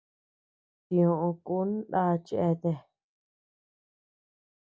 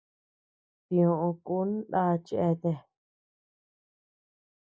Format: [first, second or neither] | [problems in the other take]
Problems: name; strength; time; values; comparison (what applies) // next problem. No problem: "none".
first | noise reduction (neural mask model Resemble Enhance denoiser)